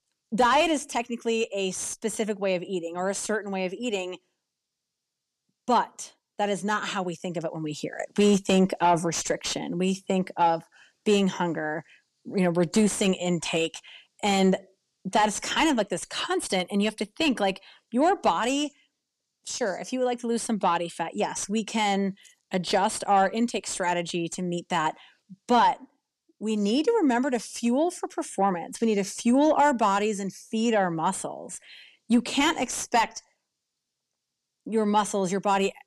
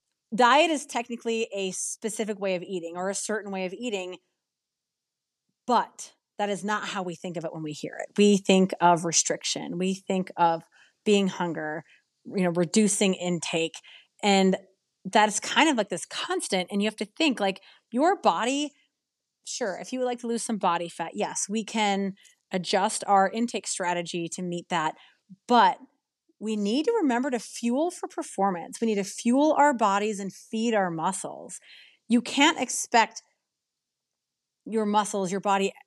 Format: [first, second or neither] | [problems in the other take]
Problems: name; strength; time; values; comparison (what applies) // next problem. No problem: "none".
second | distortion; slight; 10 dB below the speech